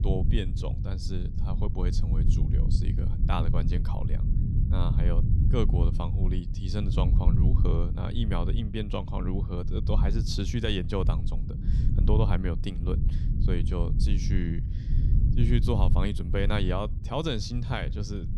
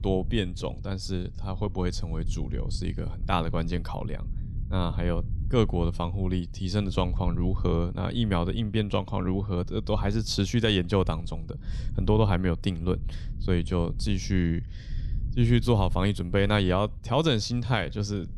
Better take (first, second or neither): second